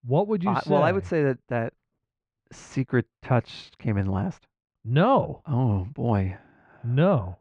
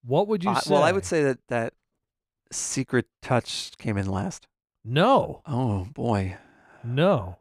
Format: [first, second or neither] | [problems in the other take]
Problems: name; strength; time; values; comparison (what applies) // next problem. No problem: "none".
second | muffled; slightly; fading above 2.5 kHz